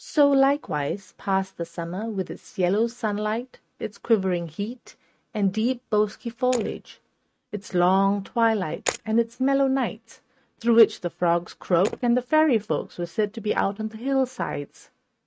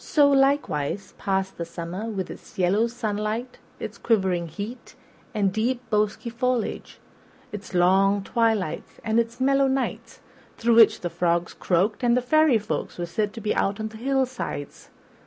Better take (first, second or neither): second